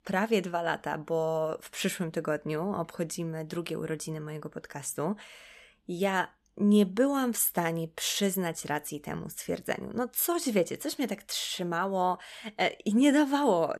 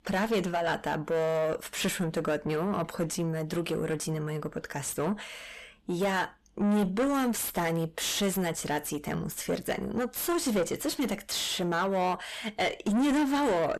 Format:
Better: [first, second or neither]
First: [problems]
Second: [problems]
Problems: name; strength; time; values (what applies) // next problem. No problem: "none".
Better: first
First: none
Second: distortion; heavy; 6 dB below the speech